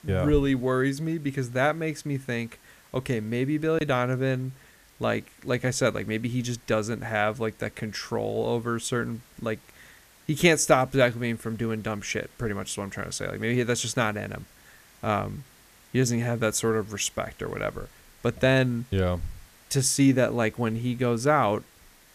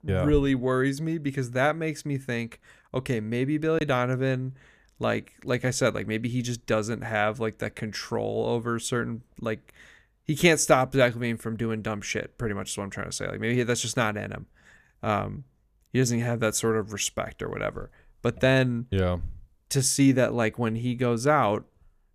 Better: second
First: hiss; faint; throughout; 25 dB below the speech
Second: none

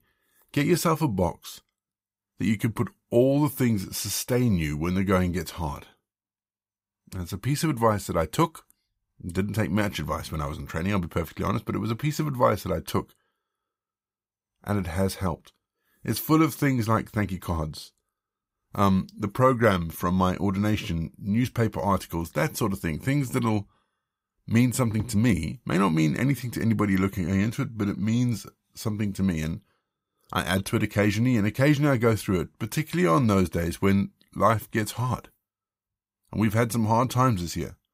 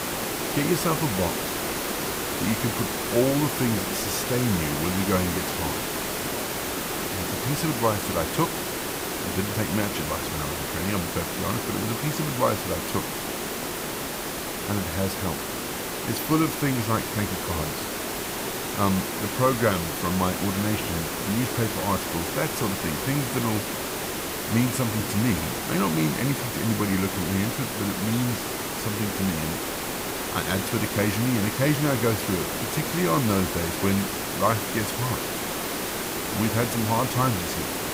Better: first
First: none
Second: hiss; loud; throughout; 1 dB below the speech

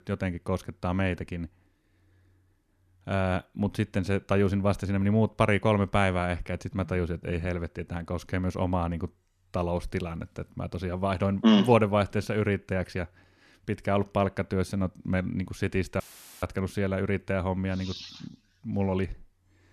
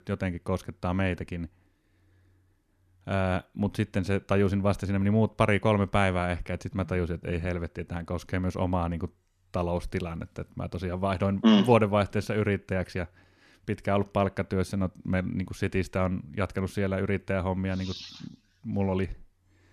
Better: second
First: audio cutting out; filled with static; at 16 s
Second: none

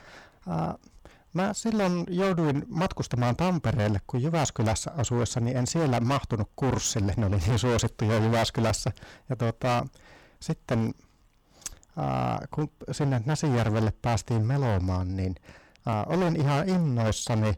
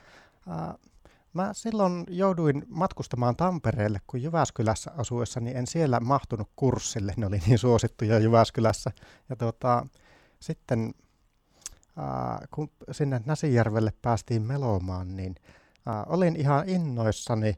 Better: second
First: distortion; heavy; 19% of the sound clipped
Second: none

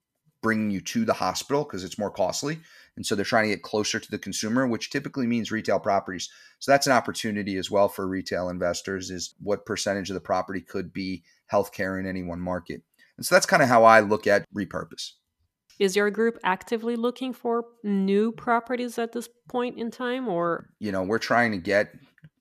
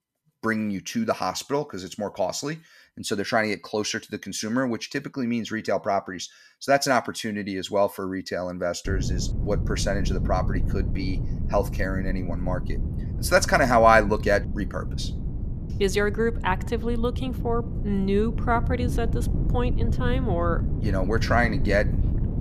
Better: first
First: none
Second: wind noise on the microphone; occasional gusts; from 9 s on; 15 dB below the speech

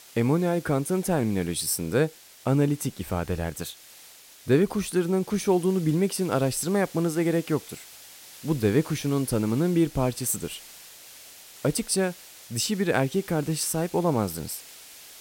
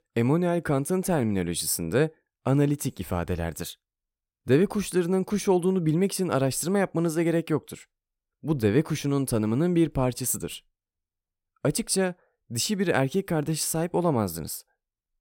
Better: second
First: hiss; noticeable; throughout; 20 dB below the speech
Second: none

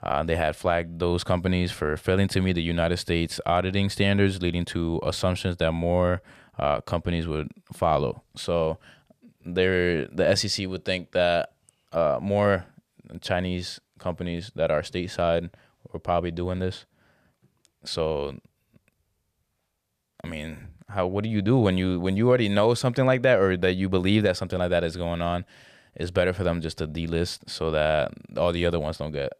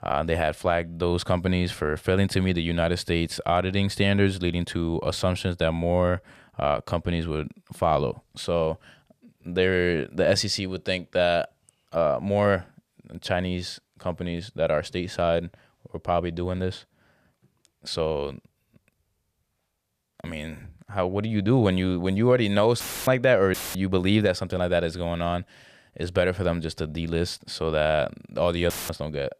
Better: first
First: none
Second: audio cutting out; filled with static; at 23 s, at 24 s and at 29 s

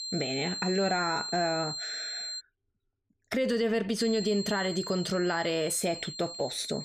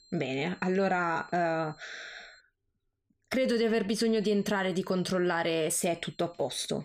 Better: second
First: high-pitched whine; loud; until 2.5 s and from 4 s on; 4 kHz, 6 dB below the speech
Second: high-pitched whine; faint; until 2.5 s and from 4 s on; 4 kHz, 30 dB below the speech

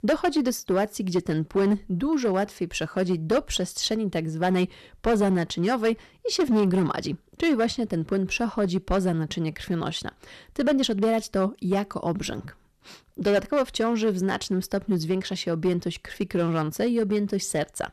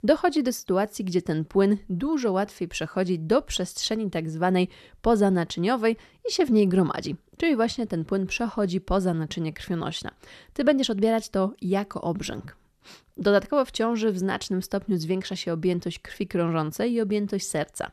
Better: second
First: distortion; slight; 5% of the sound clipped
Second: none

